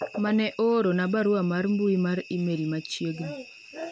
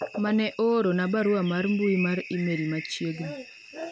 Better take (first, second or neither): first